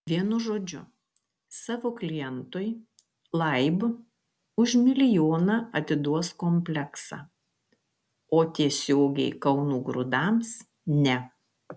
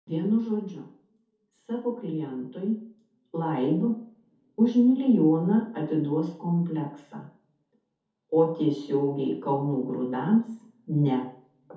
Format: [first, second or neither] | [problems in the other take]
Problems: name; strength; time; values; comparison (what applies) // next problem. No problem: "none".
first | room echo; dies away in 0.5 s